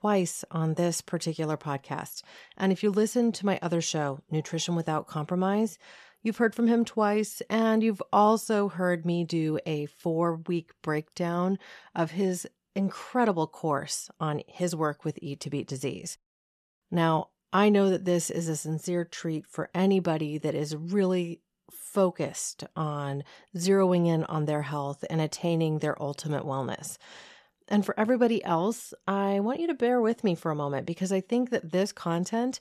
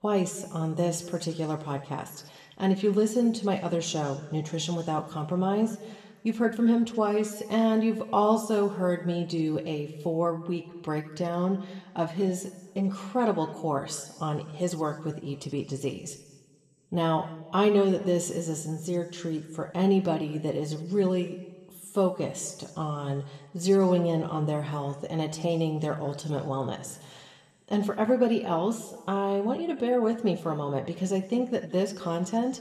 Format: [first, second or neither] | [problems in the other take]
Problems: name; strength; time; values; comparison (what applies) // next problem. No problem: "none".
first | room echo; slight; dies away in 1.2 s